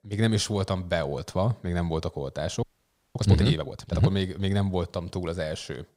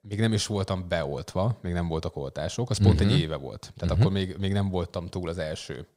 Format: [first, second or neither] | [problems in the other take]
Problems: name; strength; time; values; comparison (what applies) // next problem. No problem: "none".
second | audio freezing; at 2.5 s for 0.5 s